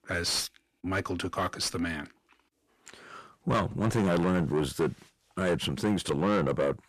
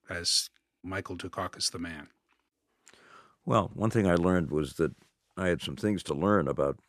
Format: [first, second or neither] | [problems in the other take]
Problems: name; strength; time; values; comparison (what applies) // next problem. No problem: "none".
second | distortion; heavy; 6 dB below the speech